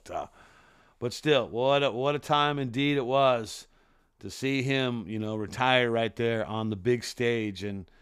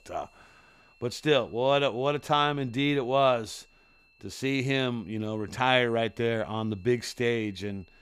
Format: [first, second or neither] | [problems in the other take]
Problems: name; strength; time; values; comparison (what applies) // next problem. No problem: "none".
first | high-pitched whine; faint; throughout; 2.5 kHz, 35 dB below the speech